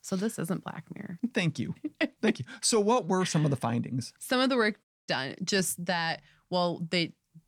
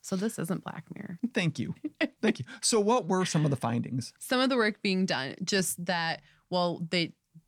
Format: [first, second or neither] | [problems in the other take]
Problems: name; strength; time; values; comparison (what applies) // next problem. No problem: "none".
second | audio cutting out; at 5 s